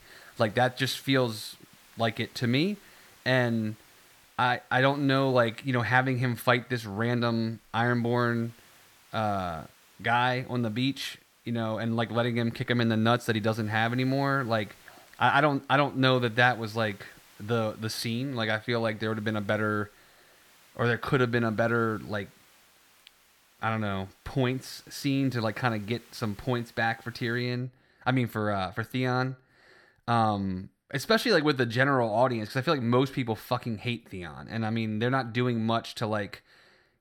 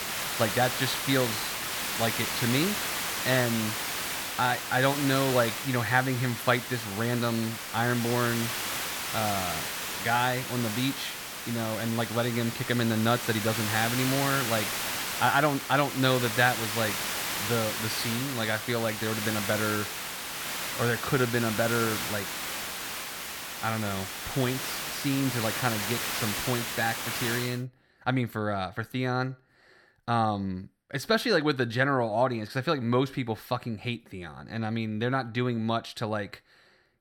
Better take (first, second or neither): first